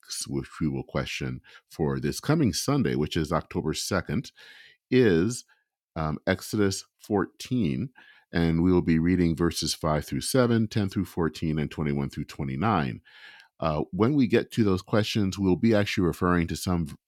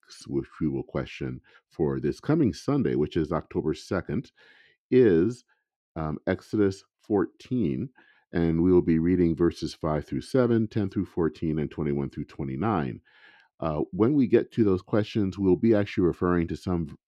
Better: first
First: none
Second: muffled; slightly; fading above 1.5 kHz

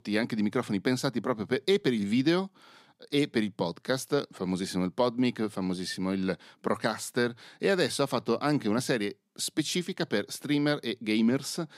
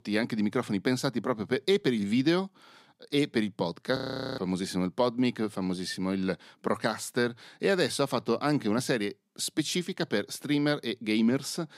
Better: first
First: none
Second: audio freezing; at 4 s

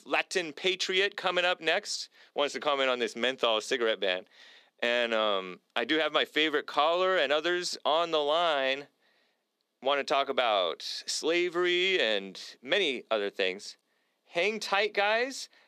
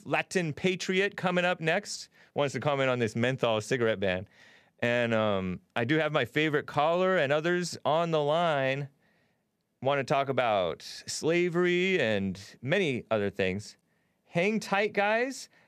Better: second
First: thin; somewhat; fading below 300 Hz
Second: none

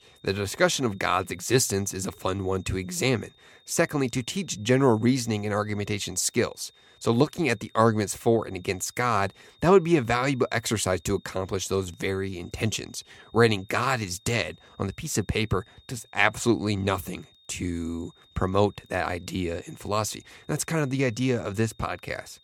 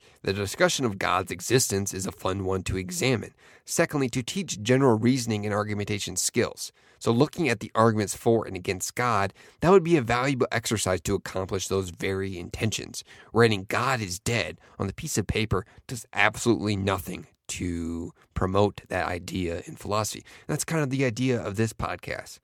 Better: second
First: high-pitched whine; faint; throughout; 3.5 kHz, 30 dB below the speech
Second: none

